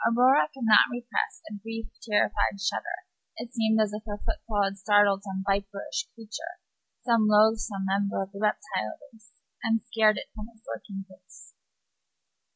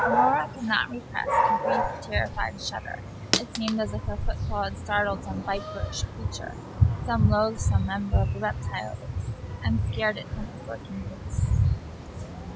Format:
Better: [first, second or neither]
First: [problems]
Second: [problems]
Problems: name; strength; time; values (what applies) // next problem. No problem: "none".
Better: first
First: none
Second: background sound (Dog); 3 dB above the speech